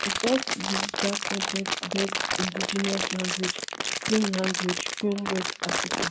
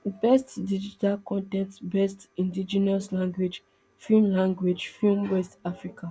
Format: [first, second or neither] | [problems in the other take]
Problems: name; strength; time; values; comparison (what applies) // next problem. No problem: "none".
second | background sound (Crumpling, crinkling); 1 dB above the speech